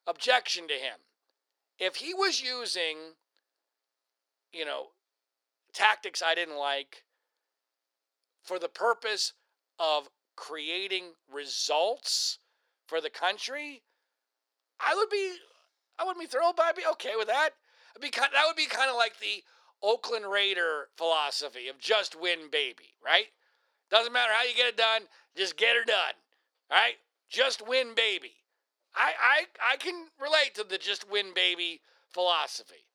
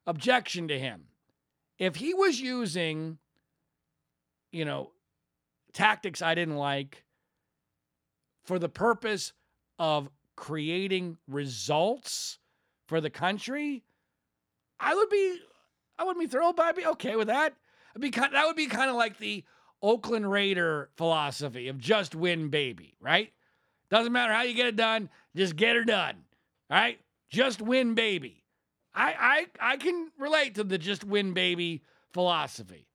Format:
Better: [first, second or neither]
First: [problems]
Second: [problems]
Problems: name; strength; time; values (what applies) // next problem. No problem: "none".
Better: second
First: thin; very; fading below 450 Hz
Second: none